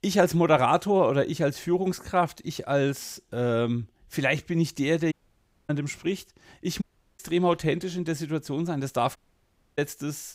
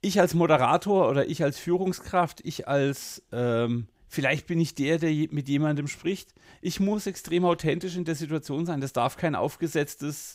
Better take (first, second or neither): second